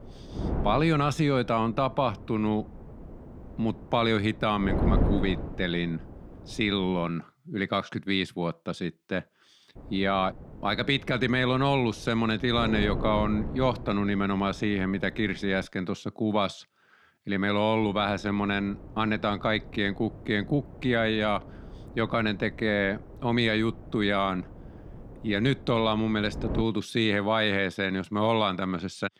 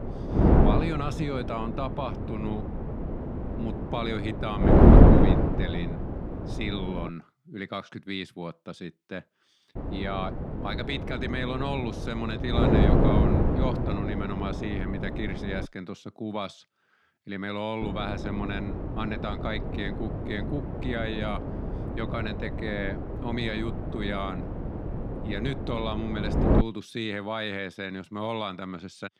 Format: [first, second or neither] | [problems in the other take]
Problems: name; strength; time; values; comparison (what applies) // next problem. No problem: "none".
first | wind noise on the microphone; heavy; until 7 s, from 10 to 16 s and from 18 to 27 s; 2 dB above the speech; occasional gusts in the first